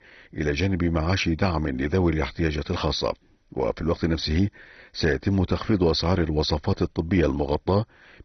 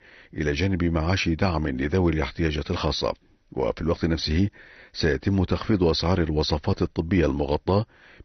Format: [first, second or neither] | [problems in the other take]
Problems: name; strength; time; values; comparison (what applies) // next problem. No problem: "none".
second | garbled, watery; badly; nothing above 6 kHz; slightly in the second